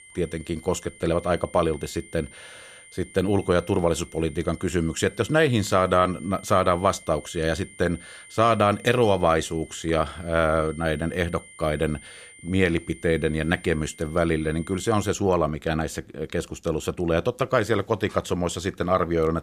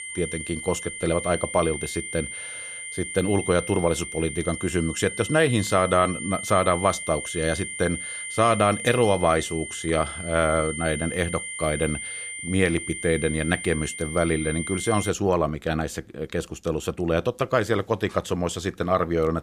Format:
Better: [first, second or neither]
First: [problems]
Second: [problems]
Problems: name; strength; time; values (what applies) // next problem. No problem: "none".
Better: first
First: high-pitched whine; faint; until 15 s; 2 kHz, 20 dB below the speech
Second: high-pitched whine; loud; until 15 s; 2 kHz, 7 dB below the speech